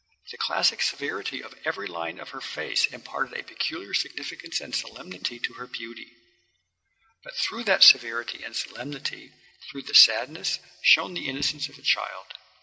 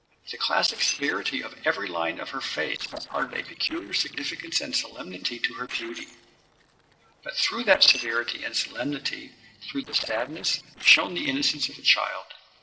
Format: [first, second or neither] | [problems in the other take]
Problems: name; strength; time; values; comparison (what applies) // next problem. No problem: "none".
first | noise reduction (neural separator model SepFormer DNS4)